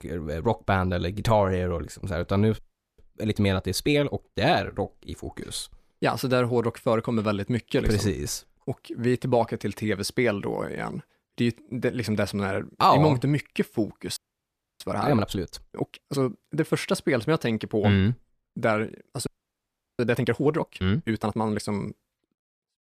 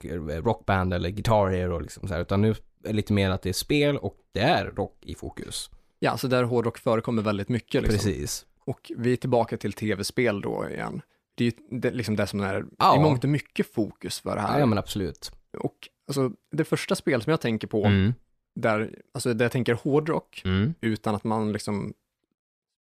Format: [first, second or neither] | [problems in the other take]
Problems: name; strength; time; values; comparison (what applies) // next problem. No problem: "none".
second | audio freezing; at 2.5 s, at 14 s for 0.5 s and at 19 s for 0.5 s